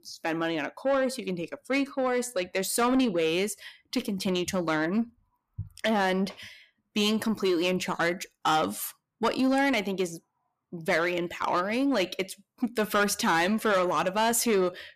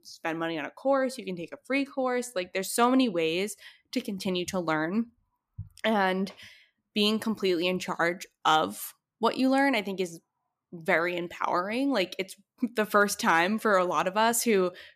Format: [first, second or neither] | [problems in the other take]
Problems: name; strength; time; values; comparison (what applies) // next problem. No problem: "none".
second | distortion; slight; 10 dB below the speech